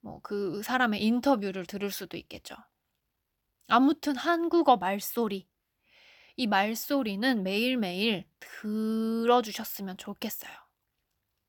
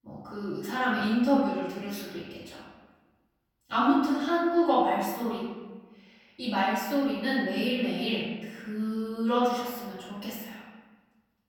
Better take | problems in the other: first | off-mic speech; far // room echo; noticeable; dies away in 1.2 s

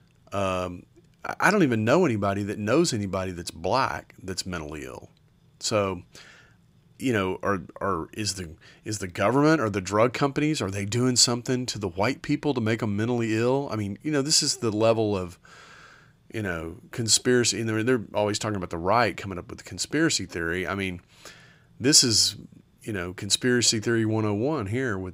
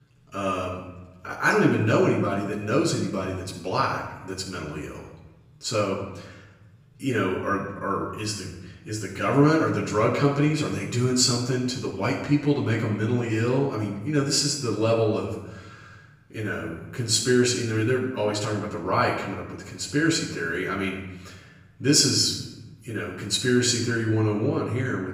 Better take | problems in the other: first | off-mic speech; far // room echo; noticeable; dies away in 0.9 s

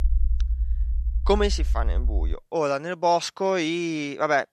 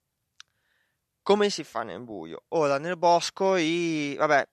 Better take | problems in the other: second | low rumble; faint; until 2.5 s; 25 dB below the speech

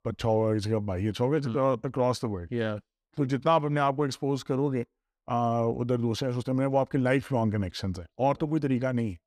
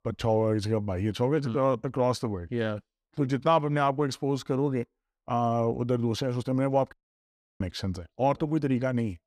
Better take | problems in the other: first | audio cutting out; at 7 s for 0.5 s

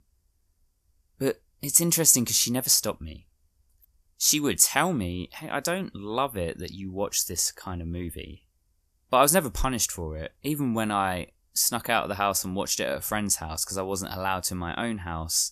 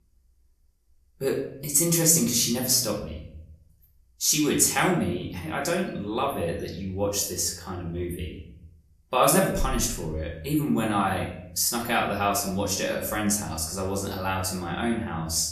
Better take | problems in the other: first | room echo; slight; dies away in 0.7 s // off-mic speech; far

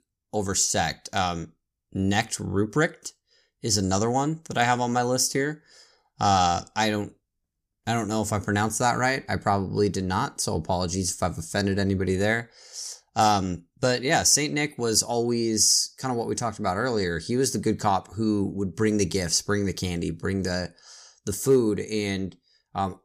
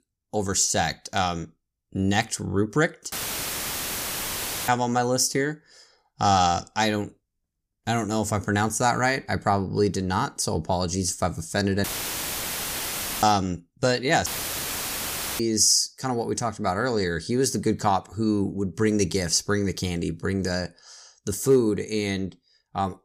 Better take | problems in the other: first | audio cutting out; filled with static; at 3 s for 1.5 s, at 12 s for 1.5 s and at 14 s for 1 s

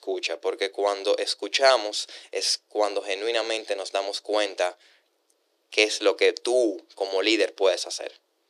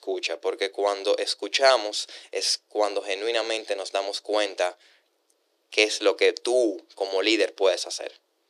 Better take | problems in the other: neither | thin; very; fading below 300 Hz; the same in both

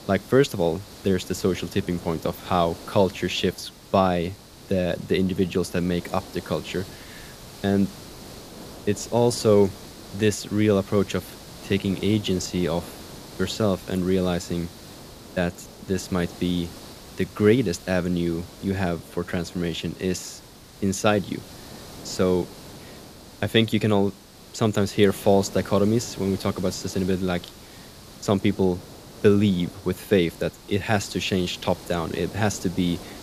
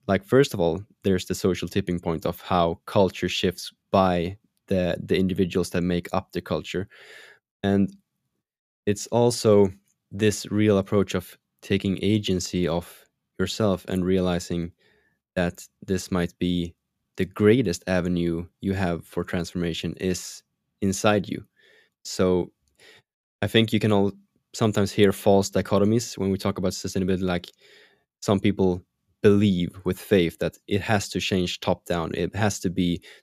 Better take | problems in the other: second | hiss; noticeable; throughout; 15 dB below the speech

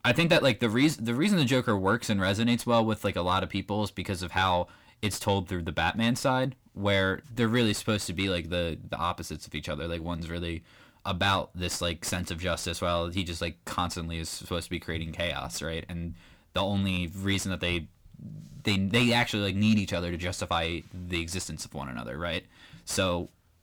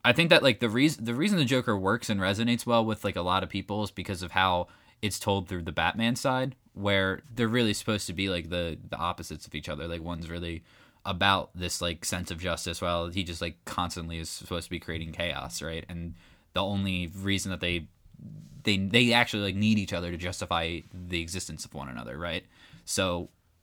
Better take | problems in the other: second | distortion; slight; 10 dB below the speech

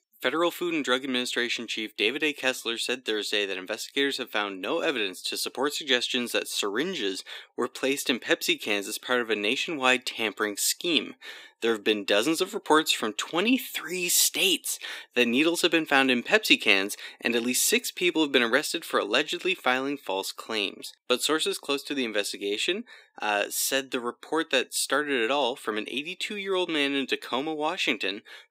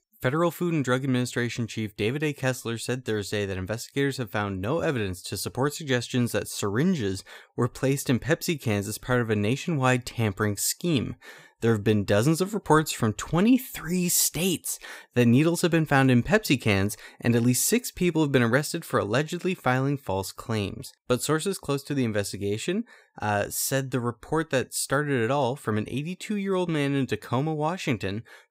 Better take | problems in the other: second | thin; somewhat; fading below 300 Hz

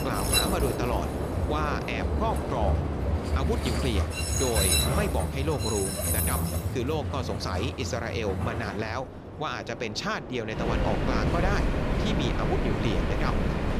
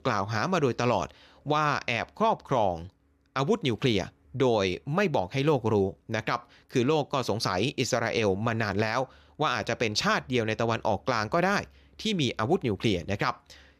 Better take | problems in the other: second | train or aircraft noise; very loud; throughout; 4 dB above the speech

